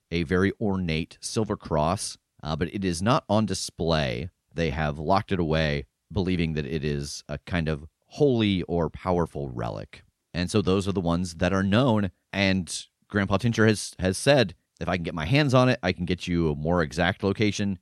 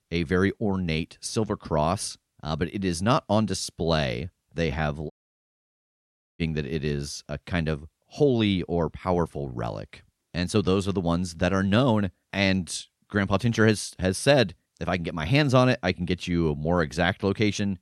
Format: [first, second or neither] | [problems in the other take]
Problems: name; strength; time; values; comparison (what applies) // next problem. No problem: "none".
first | audio cutting out; at 5 s for 1.5 s